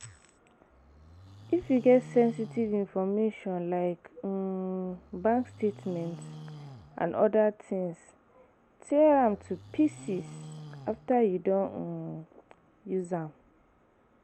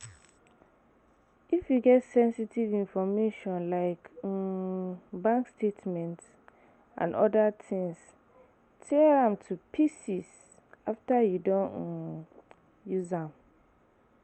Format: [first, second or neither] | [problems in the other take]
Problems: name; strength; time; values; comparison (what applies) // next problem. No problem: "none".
second | background sound (Livestock, farm animals, working animals); 18 dB below the speech